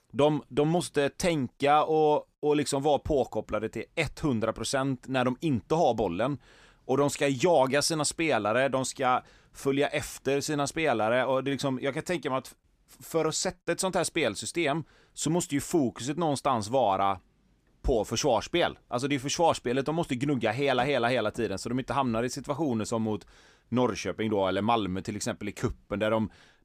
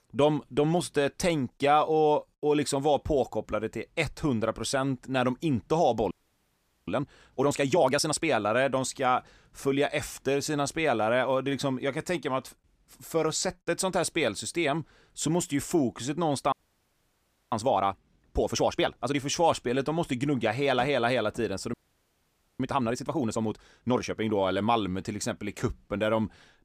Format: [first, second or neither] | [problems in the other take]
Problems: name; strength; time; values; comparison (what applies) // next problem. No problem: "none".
first | audio freezing; at 6 s for 1 s, at 17 s for 1 s and at 22 s for 1 s